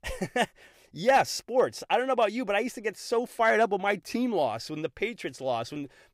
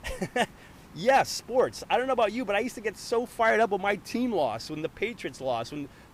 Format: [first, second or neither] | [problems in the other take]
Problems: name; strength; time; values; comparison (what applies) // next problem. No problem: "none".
first | hiss; faint; throughout; 25 dB below the speech